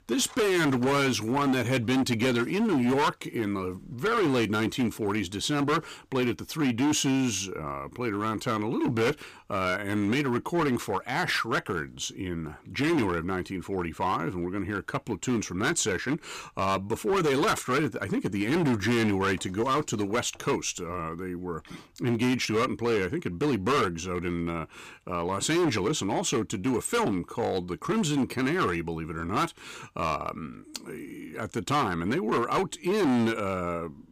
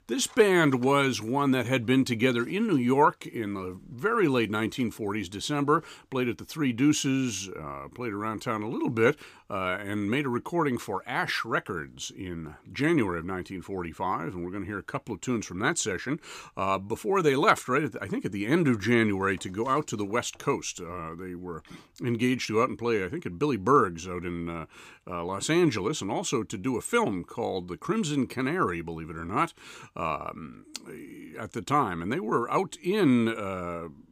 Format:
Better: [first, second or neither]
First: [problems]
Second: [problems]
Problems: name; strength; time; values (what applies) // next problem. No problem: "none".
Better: second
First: distortion; heavy; 12% of the sound clipped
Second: none